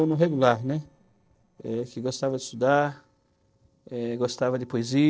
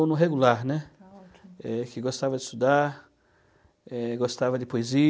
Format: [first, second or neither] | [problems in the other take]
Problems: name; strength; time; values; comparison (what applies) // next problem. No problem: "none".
second | noise reduction (neural separator model SepFormer DNS4)